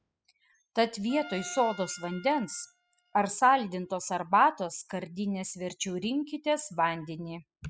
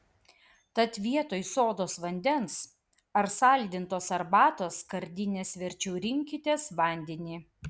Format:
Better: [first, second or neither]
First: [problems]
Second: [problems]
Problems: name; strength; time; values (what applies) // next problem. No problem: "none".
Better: second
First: noise reduction (classical method spectral subtraction)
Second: none